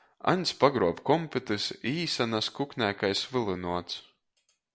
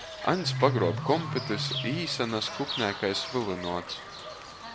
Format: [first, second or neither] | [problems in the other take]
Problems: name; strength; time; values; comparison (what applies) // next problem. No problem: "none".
first | background sound (Bird / Fowl); 5 dB below the speech